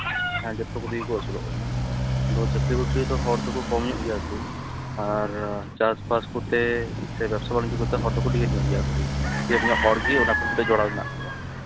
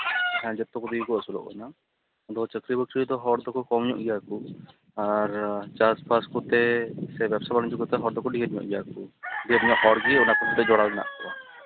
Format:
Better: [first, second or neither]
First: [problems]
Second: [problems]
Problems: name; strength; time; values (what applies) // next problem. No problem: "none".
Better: second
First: background sound (Motorcycle); 1 dB below the speech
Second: none